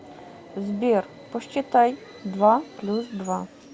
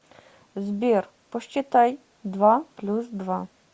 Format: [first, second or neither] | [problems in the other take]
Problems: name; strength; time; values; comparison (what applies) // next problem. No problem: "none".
second | background sound (Subway, metro, underground); 19 dB below the speech